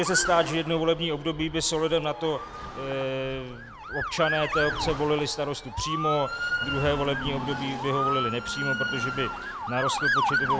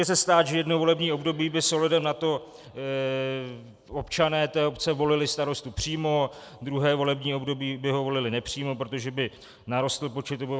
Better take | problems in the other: second | background sound (Motor vehicle (road) / Siren); 3 dB below the speech

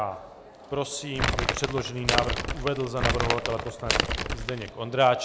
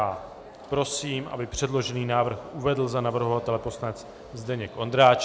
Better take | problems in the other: second | background sound (Crumpling, crinkling); 1 dB above the speech

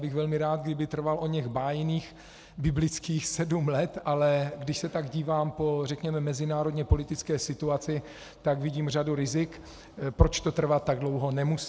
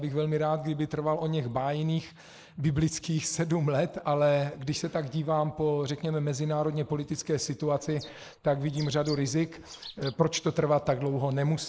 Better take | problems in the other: first | noise reduction (neural mask model Resemble Enhance denoiser)

